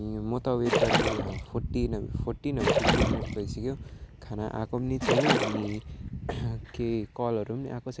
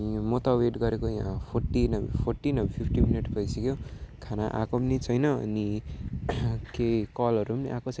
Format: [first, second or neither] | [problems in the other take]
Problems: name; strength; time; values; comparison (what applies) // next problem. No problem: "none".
second | background sound (Splash, splatter); 3 dB above the speech